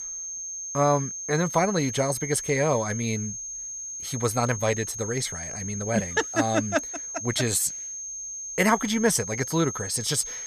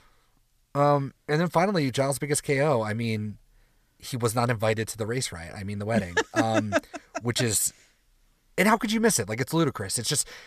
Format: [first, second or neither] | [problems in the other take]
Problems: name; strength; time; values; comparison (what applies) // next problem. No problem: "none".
second | high-pitched whine; loud; throughout; 6.5 kHz, 6 dB below the speech